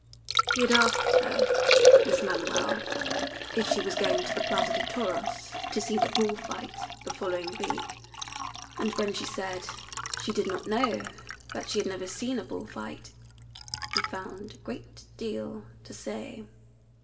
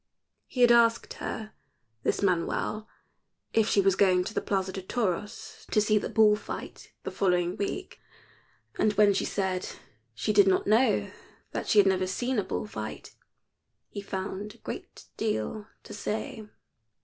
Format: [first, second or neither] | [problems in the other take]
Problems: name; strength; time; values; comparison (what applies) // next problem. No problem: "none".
second | background sound (Liquid); 4 dB above the speech // room echo; dies away in 1 s